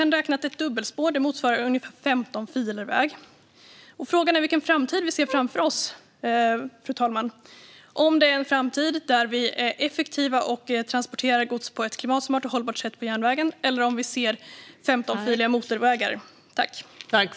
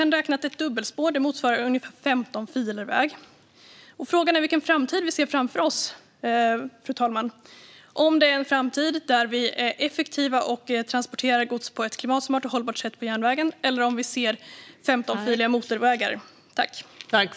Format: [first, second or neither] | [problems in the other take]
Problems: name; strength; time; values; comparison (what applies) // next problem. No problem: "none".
second | background sound (Wind instrument, woodwind instrument); 11 dB below the speech